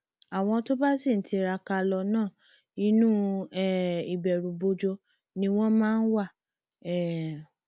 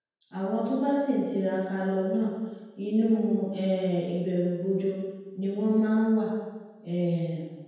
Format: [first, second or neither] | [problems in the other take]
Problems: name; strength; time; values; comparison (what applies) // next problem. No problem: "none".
first | room echo; dies away in 1.2 s